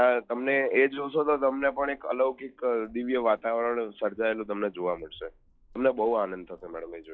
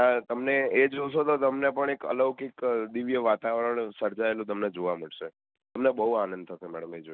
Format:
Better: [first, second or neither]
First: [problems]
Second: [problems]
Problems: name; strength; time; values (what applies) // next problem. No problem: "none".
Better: second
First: noise reduction (classical method log-MMSE)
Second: none